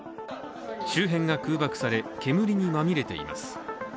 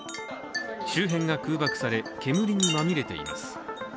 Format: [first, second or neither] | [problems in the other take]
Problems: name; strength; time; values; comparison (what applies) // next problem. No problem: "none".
first | background sound (Wind chime); 8 dB below the speech